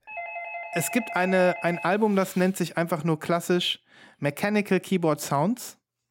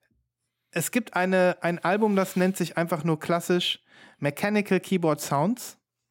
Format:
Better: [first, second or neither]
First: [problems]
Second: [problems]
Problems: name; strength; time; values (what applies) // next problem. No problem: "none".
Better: second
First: doorbell; noticeable; until 2 s; peak 9 dB below the speech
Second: none